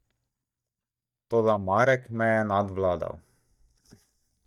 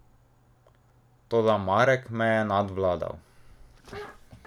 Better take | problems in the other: second | noise reduction (neural mask model DeepFilterNet 3)

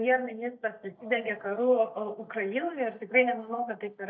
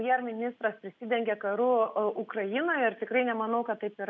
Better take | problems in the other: second | noise reduction (neural mask model DeepFilterNet 3)

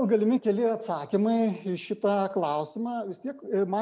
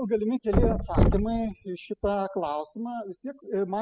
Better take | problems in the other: first | noise reduction (classical method spectral subtraction)

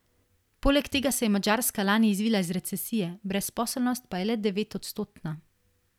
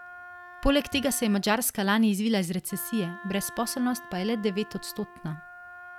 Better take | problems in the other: first | background sound (Wind instrument, woodwind instrument); 18 dB below the speech

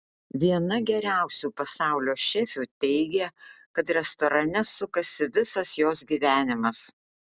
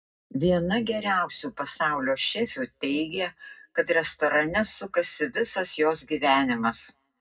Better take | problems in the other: first | room echo; dies away in 0.3 s

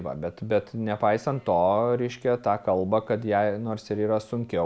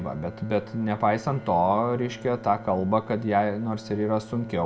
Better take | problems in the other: first | background sound (Bowed string instrument); 17 dB below the speech // room echo; dies away in 0.5 s

